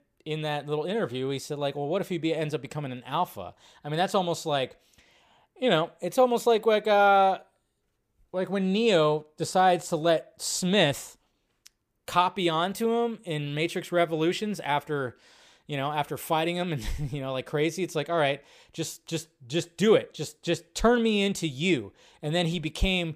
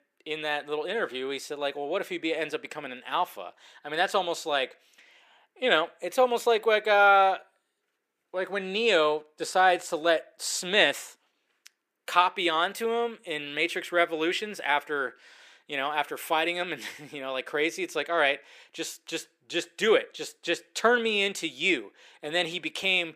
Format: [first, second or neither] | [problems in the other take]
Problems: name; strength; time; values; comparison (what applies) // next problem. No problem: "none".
first | thin; somewhat; fading below 300 Hz